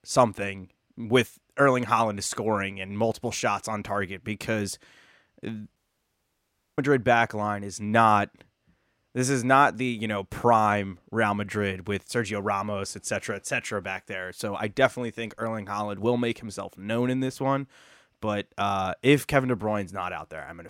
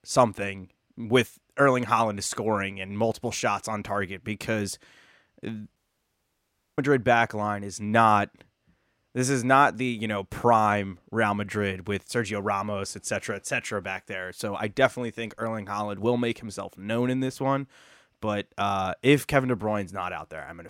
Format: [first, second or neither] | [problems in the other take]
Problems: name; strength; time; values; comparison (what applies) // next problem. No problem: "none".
neither | audio cutting out; at 6 s for 1 s; the same in both